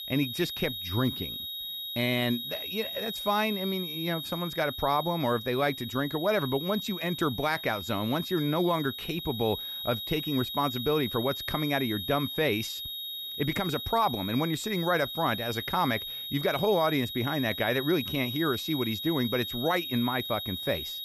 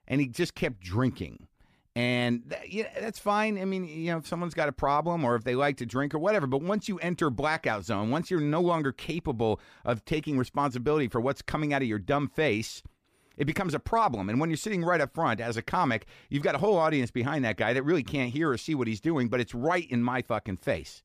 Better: second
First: high-pitched whine; loud; throughout; 4 kHz, 5 dB below the speech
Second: none

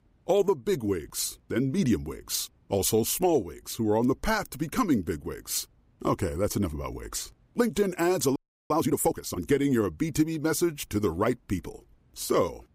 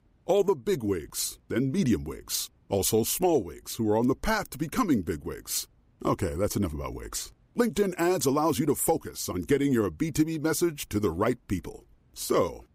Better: second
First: audio freezing; at 8.5 s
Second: none

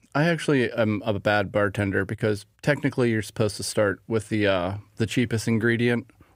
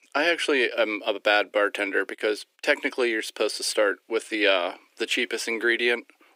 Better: first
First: none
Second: thin; very; fading below 300 Hz

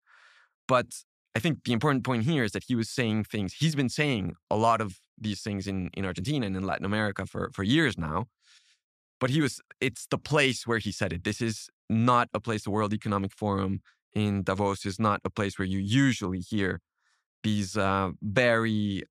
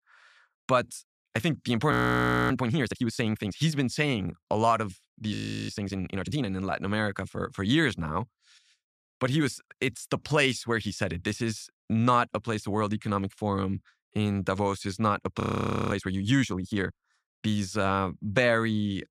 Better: first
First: none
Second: audio freezing; at 2 s for 0.5 s, at 5.5 s and at 15 s for 0.5 s

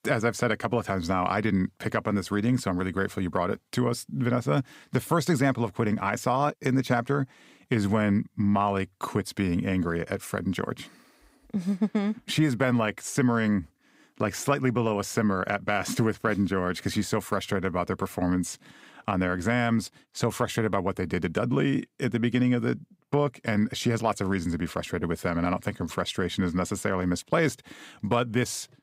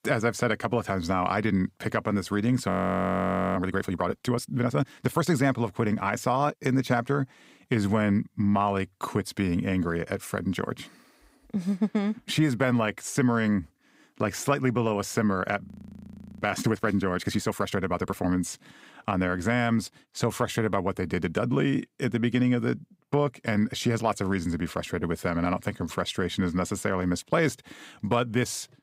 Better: first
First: none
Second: audio freezing; at 2.5 s for 1 s and at 16 s for 1 s

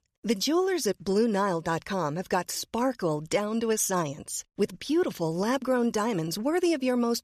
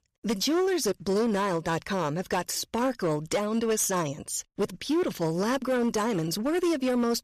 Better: first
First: none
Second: distortion; slight; 12% of the sound clipped

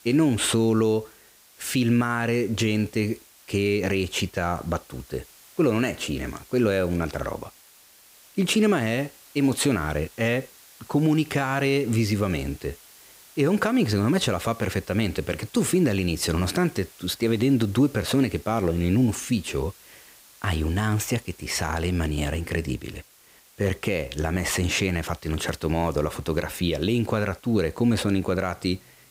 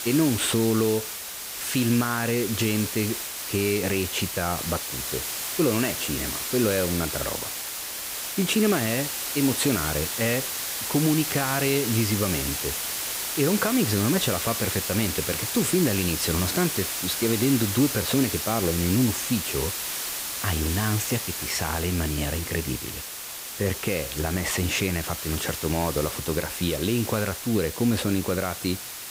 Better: first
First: hiss; faint; throughout; 25 dB below the speech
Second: hiss; loud; throughout; 3 dB below the speech

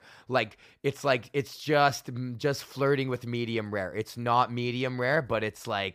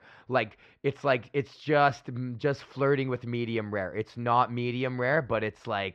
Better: first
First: none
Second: muffled; slightly; fading above 3 kHz

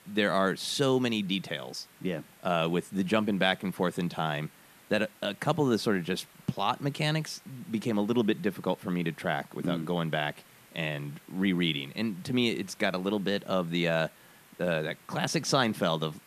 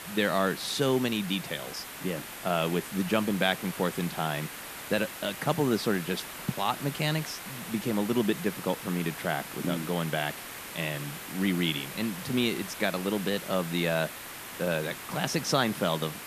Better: first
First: hiss; faint; throughout; 25 dB below the speech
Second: hiss; loud; throughout; 9 dB below the speech

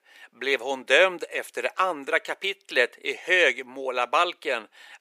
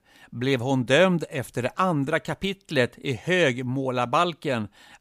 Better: second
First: thin; very; fading below 400 Hz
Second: none

